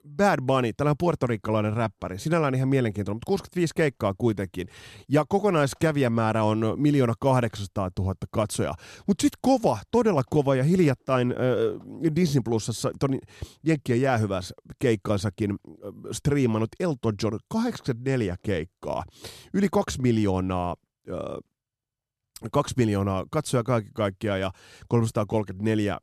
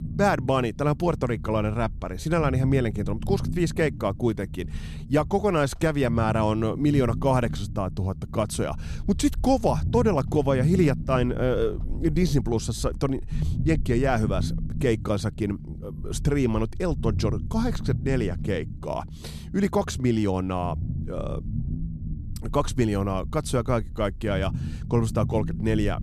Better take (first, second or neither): first